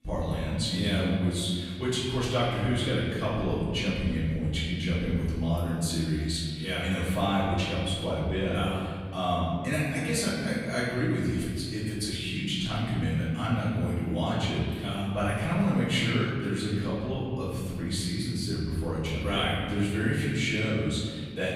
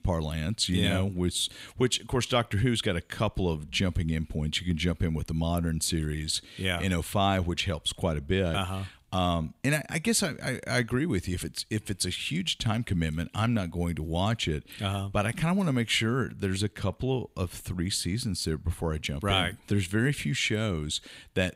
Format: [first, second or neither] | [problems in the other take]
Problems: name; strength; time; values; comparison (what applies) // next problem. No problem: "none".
second | off-mic speech; far // room echo; strong; dies away in 1.9 s